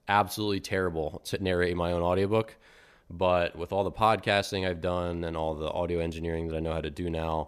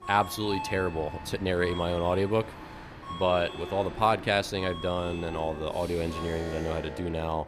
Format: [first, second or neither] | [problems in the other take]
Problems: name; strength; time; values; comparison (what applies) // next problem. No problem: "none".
first | train or aircraft noise; noticeable; throughout; 10 dB below the speech